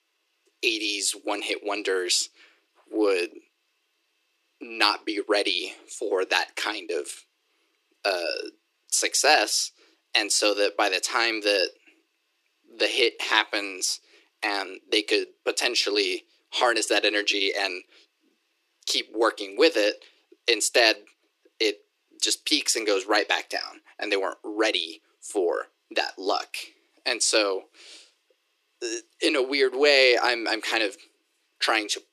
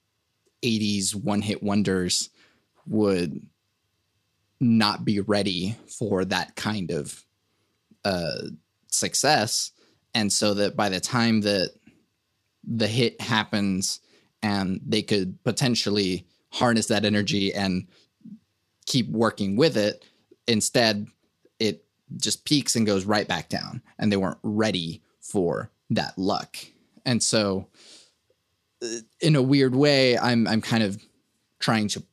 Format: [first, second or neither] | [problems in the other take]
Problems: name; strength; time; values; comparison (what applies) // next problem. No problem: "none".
second | thin; very; fading below 300 Hz